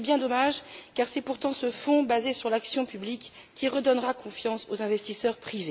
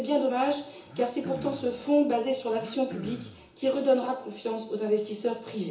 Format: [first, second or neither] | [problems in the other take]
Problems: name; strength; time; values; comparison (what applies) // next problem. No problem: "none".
first | background sound (Cough); 15 dB below the speech // room echo; dies away in 0.7 s